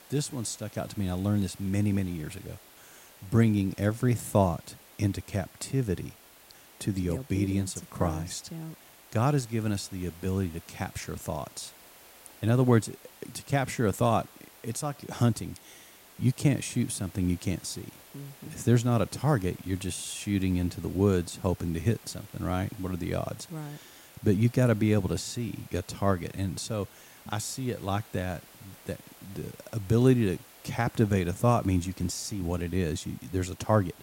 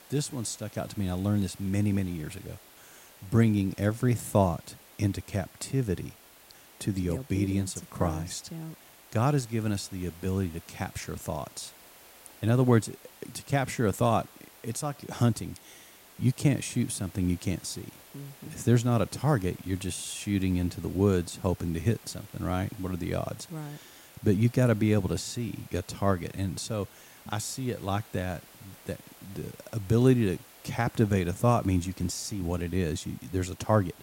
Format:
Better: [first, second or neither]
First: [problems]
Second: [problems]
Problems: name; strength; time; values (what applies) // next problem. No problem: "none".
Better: neither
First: hiss; faint; throughout; 20 dB below the speech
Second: hiss; faint; throughout; 20 dB below the speech